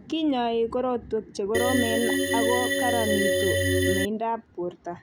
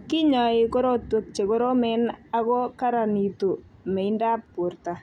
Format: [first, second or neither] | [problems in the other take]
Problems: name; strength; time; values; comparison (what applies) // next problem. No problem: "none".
second | background sound (Organ); 4 dB above the speech